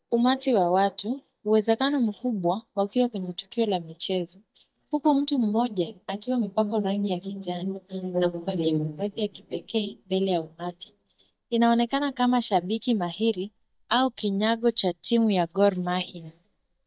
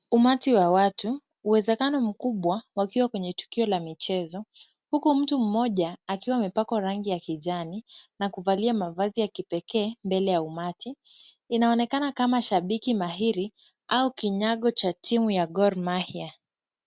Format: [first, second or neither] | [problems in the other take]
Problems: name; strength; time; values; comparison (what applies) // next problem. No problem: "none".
second | noise reduction (neural mask model DeepFilterNet 3)